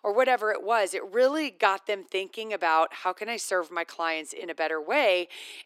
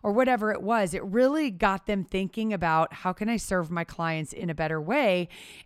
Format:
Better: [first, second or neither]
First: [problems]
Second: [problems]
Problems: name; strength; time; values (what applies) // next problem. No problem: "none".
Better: second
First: thin; very; fading below 300 Hz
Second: none